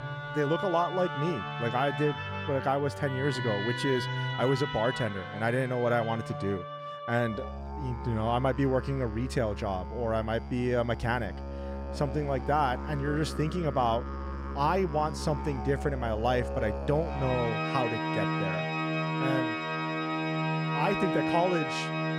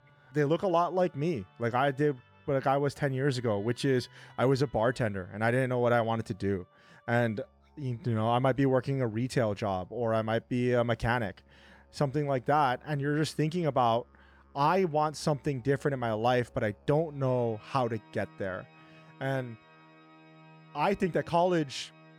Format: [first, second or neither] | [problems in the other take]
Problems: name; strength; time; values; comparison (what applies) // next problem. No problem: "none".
second | background music; loud; throughout; 4 dB below the speech; faint in the second